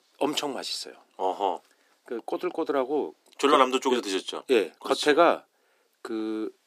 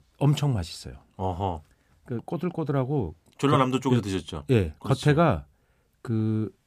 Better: second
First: thin; somewhat; fading below 300 Hz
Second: none

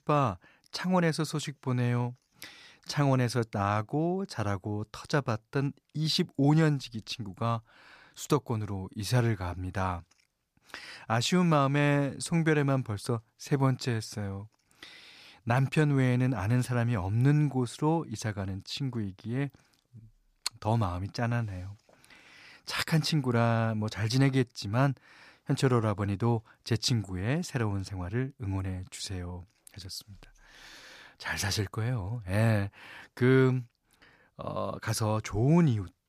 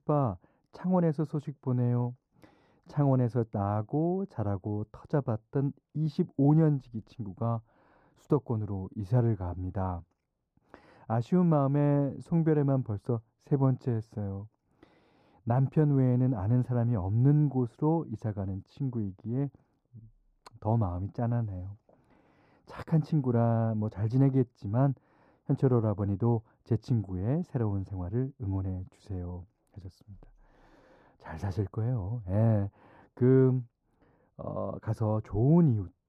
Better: first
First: none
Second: muffled; very; fading above 1.5 kHz

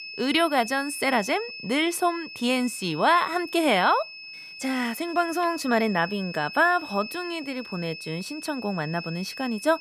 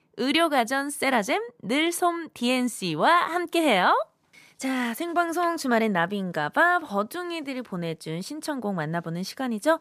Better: second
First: high-pitched whine; noticeable; throughout; 2.5 kHz, 10 dB below the speech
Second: none

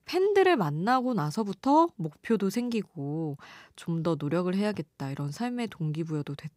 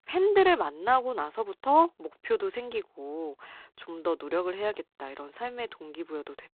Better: first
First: none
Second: phone-call audio; poor line; nothing above 4 kHz

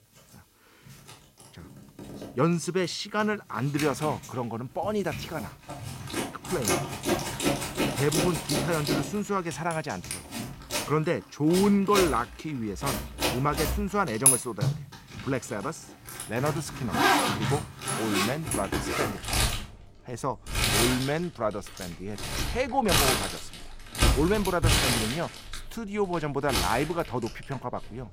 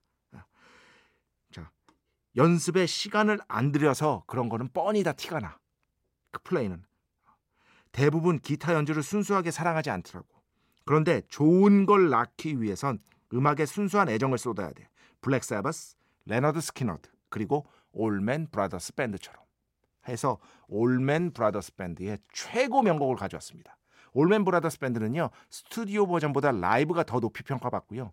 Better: second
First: household noises; very loud; throughout; 1 dB above the speech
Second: none

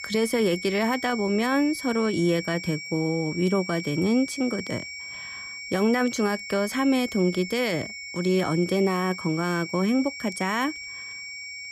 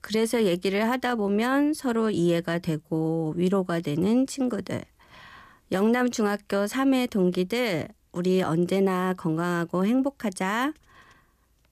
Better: second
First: high-pitched whine; loud; throughout; 2.5 kHz, 9 dB below the speech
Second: none

